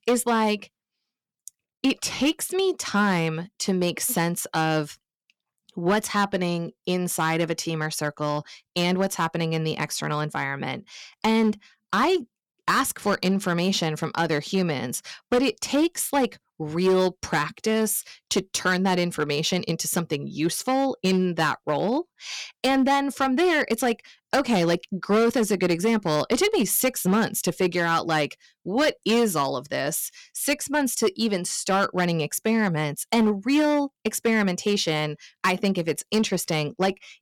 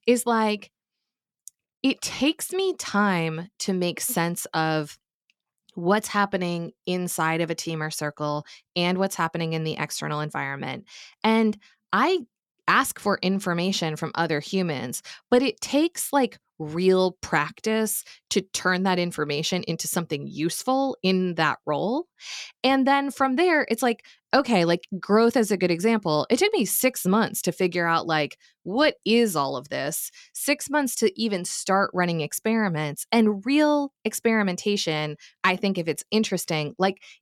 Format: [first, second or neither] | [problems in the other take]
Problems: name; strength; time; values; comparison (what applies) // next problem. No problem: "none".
second | distortion; slight; 6% of the sound clipped